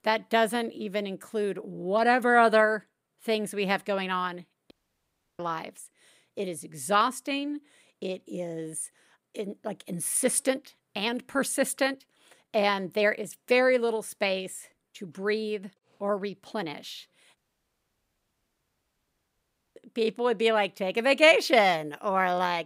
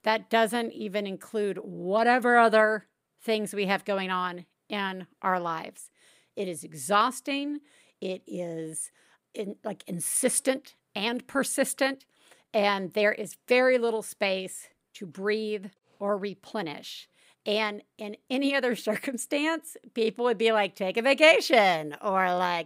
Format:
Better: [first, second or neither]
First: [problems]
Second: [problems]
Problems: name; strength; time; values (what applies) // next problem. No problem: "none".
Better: second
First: audio cutting out; at 4.5 s for 0.5 s and at 17 s for 2.5 s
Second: none